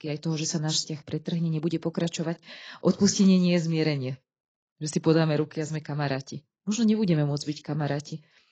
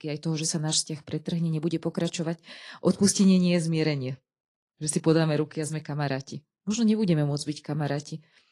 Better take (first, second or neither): second